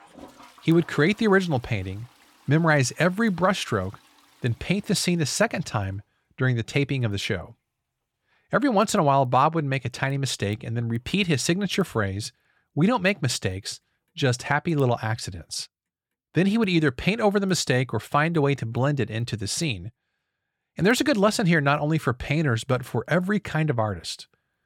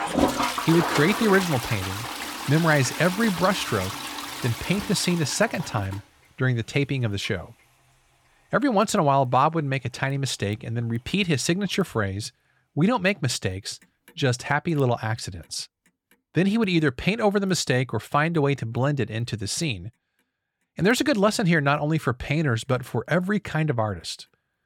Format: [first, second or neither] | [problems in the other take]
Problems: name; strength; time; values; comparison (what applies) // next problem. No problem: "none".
first | household noises; loud; throughout; 5 dB below the speech; faint in the first